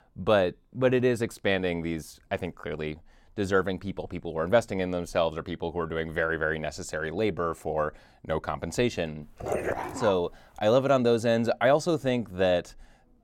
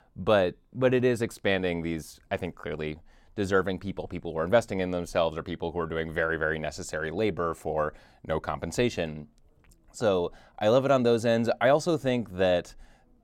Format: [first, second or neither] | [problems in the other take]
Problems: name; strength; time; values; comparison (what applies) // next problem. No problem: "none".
second | dog barking; noticeable; at 9.5 s; peak 2 dB below the speech